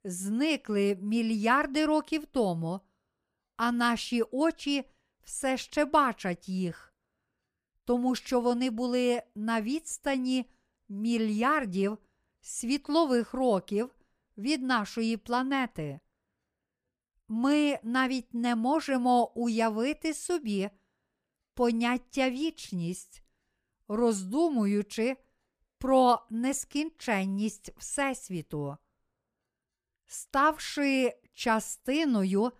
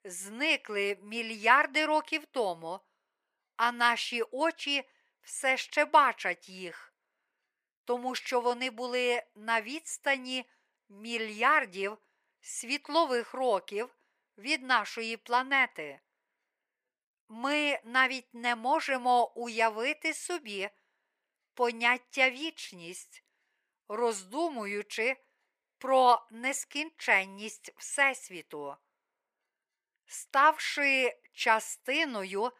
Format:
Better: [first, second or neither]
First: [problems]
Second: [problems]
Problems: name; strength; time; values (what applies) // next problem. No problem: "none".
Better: first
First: none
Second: thin; somewhat; fading below 500 Hz